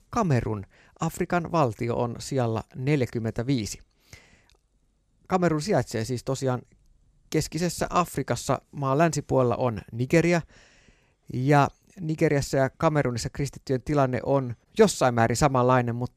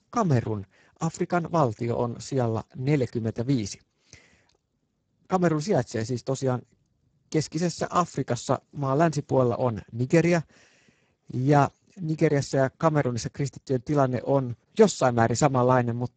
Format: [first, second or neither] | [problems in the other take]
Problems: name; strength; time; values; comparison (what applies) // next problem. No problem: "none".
first | garbled, watery; badly; nothing above 7.5 kHz